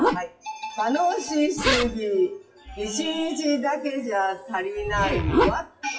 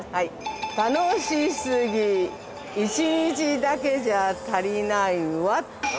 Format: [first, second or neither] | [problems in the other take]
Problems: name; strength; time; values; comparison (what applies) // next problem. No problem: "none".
second | noise reduction (classical method WPE with log-MMSE)